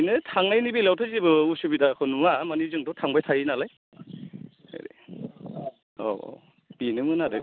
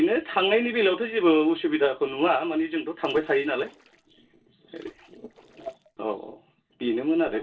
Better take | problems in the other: first | noise reduction (neural separator model SepFormer DNS4)

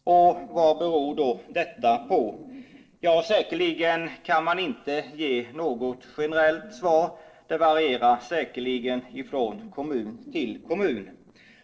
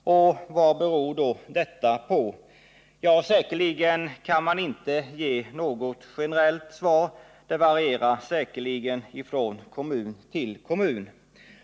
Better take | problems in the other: second | noise reduction (neural separator model SepFormer DNS4)

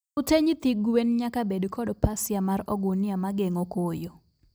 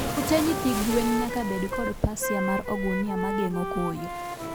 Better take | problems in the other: first | background sound (Wind instrument, woodwind instrument + Waves, surf); 3 dB below the speech

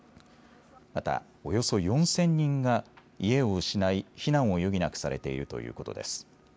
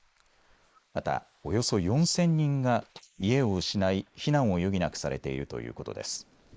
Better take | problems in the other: first | noise reduction (neural mask model Resemble Enhance denoiser)

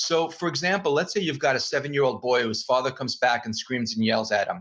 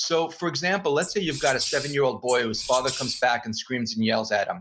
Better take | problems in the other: first | background sound (Wild animals); 10 dB below the speech

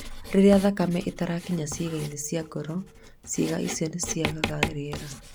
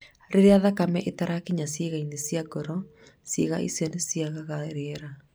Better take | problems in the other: second | background sound (Writing); 10 dB below the speech

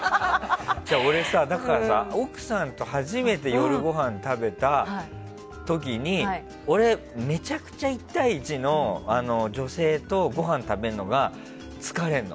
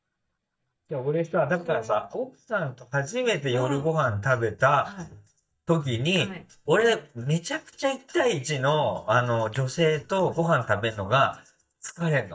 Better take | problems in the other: first | noise reduction (neural mask model DeepFilterNet 3)

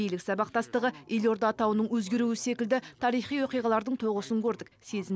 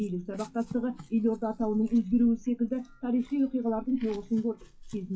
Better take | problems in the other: first | noise reduction (classical method WPE with log-MMSE)

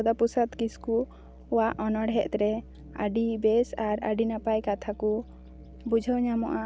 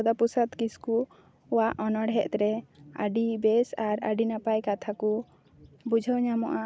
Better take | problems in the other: second | background sound (Musical instrument); 20 dB below the speech

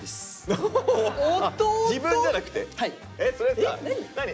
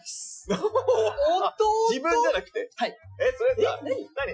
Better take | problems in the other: first | noise reduction (classical method Wiener filter)

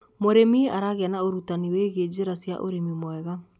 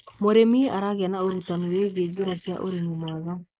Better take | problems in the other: first | noise reduction (neural mask model Resemble Enhance denoiser)

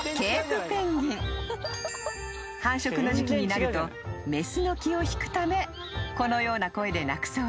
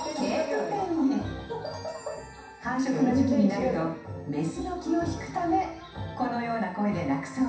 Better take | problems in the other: first | room echo; dies away in 0.7 s

